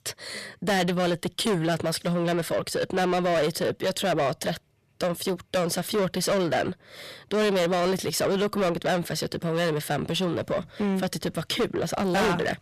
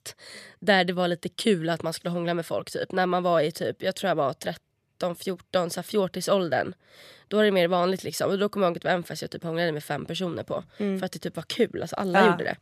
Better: second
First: distortion; heavy; 6 dB below the speech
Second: none

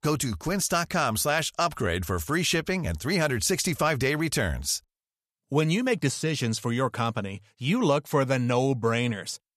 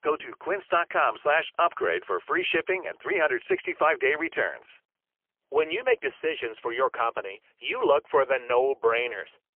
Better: first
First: none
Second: phone-call audio; poor line; nothing above 3 kHz

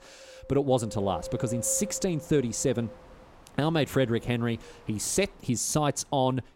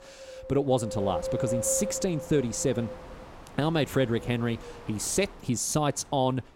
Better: first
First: wind noise on the microphone; occasional gusts; 15 dB below the speech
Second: wind noise on the microphone; heavy; 8 dB below the speech

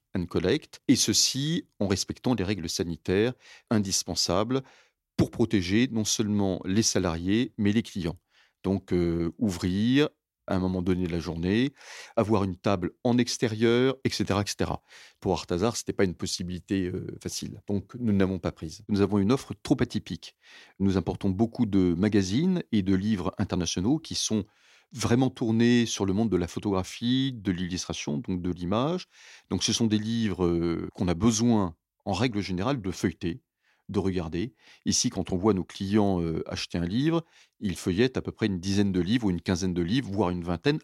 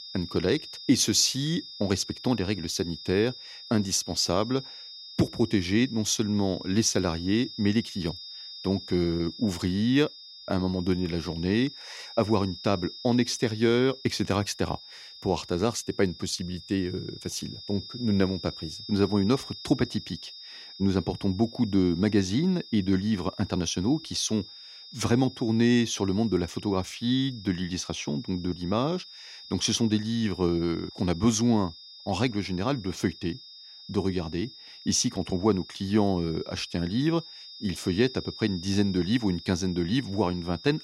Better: first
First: none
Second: high-pitched whine; noticeable; throughout; 5 kHz, 15 dB below the speech

